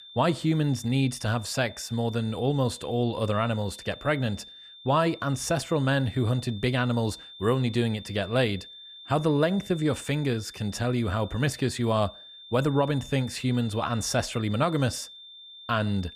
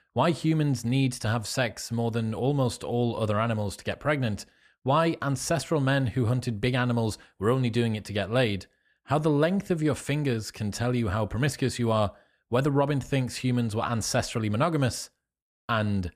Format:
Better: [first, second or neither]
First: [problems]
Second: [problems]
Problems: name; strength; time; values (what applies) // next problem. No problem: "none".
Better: second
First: high-pitched whine; noticeable; throughout; 3.5 kHz, 15 dB below the speech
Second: none